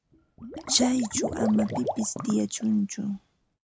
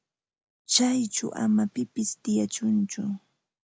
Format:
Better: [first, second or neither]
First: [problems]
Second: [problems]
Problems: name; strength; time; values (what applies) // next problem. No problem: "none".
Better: second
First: background sound (Water / Liquid); 8 dB below the speech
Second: none